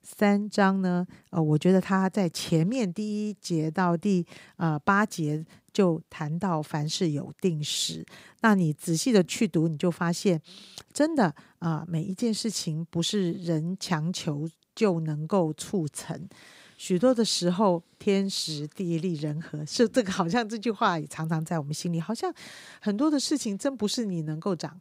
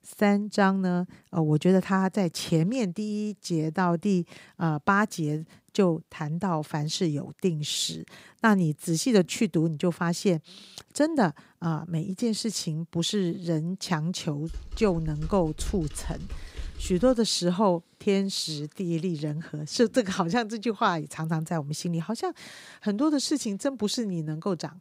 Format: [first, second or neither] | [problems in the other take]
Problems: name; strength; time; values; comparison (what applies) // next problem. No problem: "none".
first | keyboard typing; faint; from 14 to 17 s; peak 10 dB below the speech